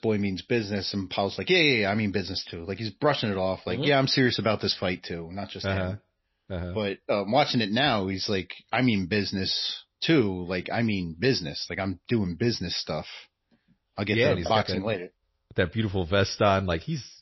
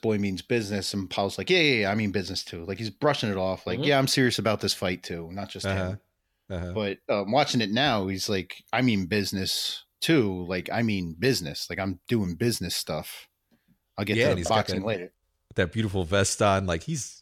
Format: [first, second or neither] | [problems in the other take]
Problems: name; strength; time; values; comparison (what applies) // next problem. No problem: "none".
second | garbled, watery; slightly; nothing above 5.5 kHz